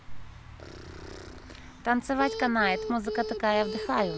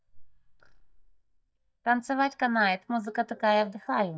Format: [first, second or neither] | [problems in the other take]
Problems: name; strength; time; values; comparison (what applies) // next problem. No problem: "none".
first | noise reduction (neural mask model DeepFilterNet 3)